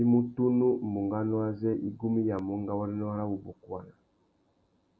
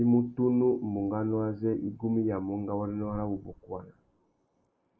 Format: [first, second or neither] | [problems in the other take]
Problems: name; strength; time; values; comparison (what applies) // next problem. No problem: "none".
first | noise reduction (neural mask model Resemble Enhance denoiser)